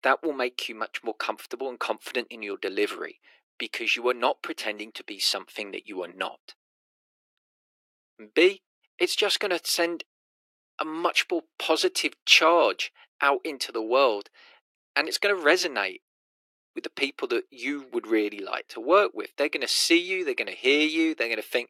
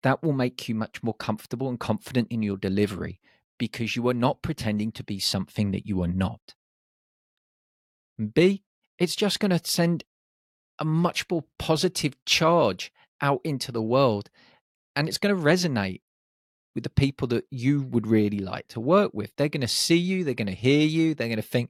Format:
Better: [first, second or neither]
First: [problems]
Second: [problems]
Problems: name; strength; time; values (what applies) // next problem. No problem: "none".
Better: second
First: thin; very; fading below 350 Hz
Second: none